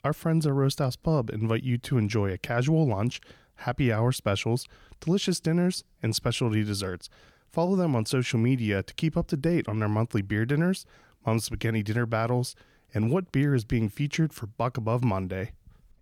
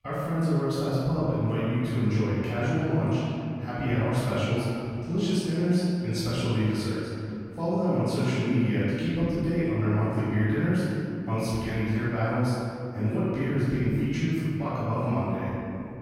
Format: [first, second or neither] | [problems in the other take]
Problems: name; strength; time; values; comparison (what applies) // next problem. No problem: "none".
first | off-mic speech; far // room echo; strong; dies away in 2.6 s